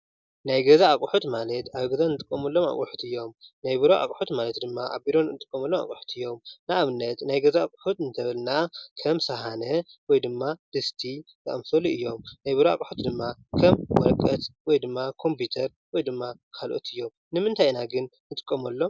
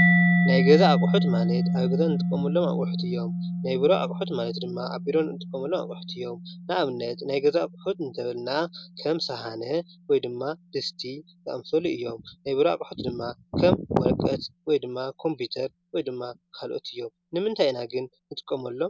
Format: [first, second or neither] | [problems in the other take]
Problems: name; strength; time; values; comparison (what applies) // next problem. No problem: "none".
first | background sound (Mallet percussion); 2 dB below the speech